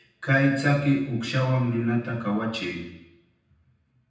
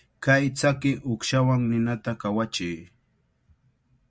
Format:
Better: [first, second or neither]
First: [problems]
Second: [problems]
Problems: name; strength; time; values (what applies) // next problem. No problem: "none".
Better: second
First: room echo; dies away in 0.9 s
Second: none